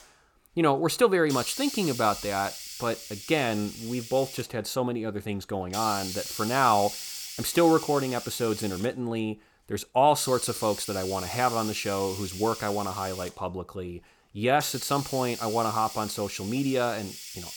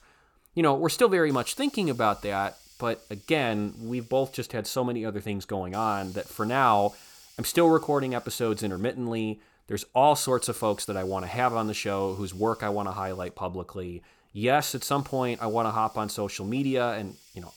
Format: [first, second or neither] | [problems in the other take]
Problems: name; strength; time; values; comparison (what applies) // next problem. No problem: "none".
second | hiss; loud; throughout; 9 dB below the speech; faint in the second